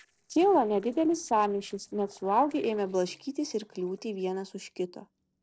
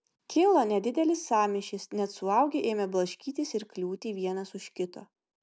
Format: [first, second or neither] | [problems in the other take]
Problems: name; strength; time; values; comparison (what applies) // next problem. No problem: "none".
second | noise reduction (neural separator model SepFormer DNS4)